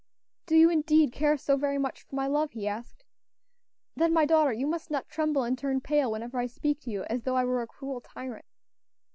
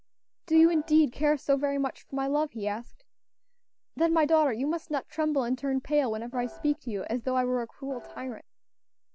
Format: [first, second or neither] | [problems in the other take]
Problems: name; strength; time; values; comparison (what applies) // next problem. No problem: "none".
first | background sound (Piano); 17 dB below the speech